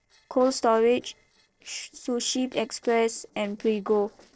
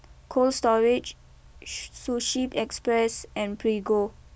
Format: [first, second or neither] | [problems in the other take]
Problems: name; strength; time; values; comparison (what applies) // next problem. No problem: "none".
second | noise reduction (neural separator model SepFormer DNS4)